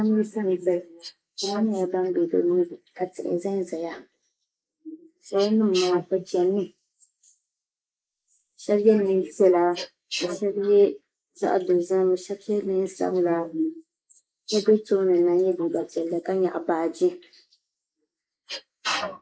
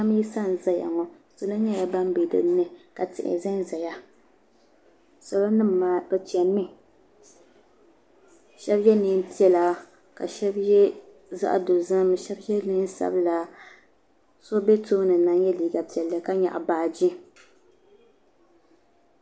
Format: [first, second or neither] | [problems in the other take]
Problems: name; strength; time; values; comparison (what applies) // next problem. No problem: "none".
second | noise reduction (neural mask model Resemble Enhance denoiser)